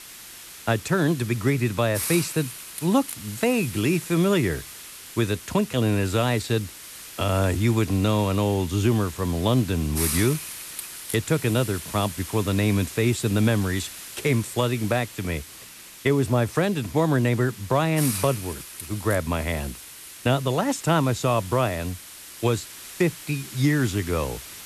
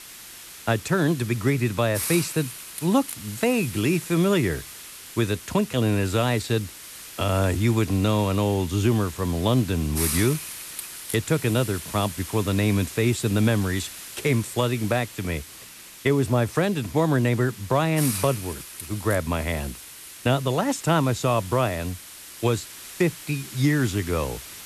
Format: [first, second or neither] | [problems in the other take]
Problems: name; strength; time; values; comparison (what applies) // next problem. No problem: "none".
neither | hiss; noticeable; throughout; 10 dB below the speech; the same in both